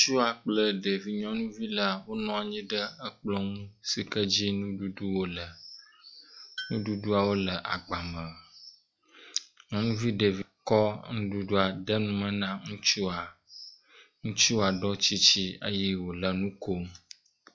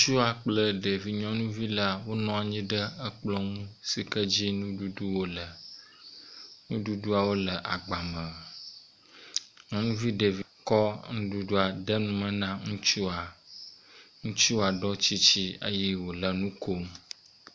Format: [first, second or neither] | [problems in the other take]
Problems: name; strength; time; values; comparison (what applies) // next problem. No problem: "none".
second | noise reduction (classical method log-MMSE)